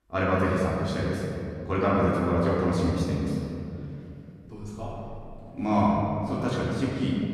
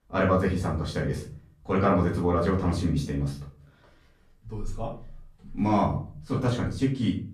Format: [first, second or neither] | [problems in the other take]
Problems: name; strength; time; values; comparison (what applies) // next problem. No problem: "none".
second | room echo; strong; dies away in 2.5 s; slight in the second // off-mic speech; far; far in the second